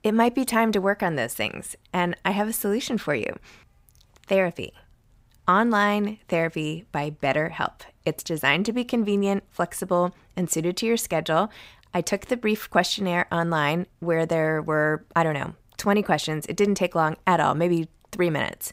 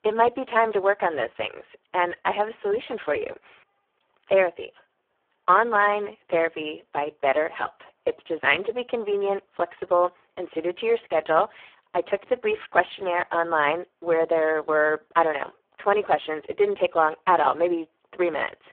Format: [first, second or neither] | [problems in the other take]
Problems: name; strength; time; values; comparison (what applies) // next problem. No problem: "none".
first | phone-call audio; poor line